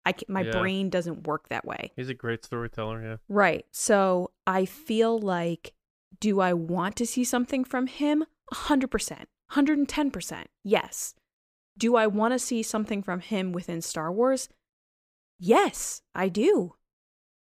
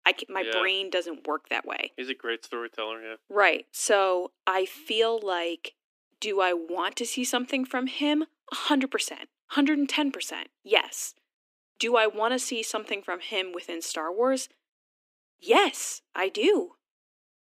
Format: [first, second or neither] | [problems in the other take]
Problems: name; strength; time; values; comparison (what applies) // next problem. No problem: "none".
first | thin; very slightly; fading below 250 Hz